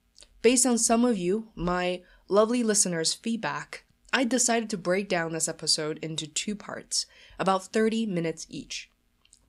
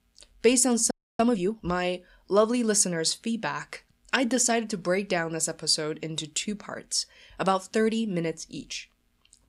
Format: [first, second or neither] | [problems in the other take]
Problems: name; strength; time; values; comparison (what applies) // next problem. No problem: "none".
first | audio freezing; at 1 s